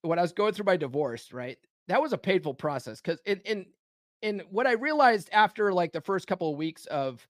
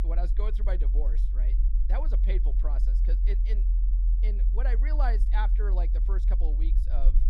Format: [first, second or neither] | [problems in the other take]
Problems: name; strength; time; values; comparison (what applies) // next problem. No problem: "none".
first | low rumble; loud; throughout; 10 dB below the speech